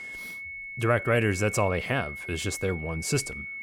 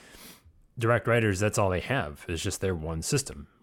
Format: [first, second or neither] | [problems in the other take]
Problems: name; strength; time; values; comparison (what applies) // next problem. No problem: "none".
second | high-pitched whine; loud; throughout; 2 kHz, 9 dB below the speech